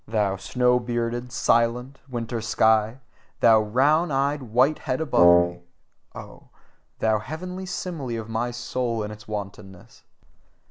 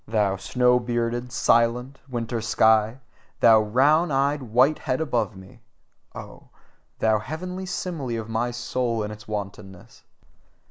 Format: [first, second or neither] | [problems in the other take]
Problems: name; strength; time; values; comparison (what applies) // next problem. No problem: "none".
second | background sound (Wind instrument, woodwind instrument); 5 dB above the speech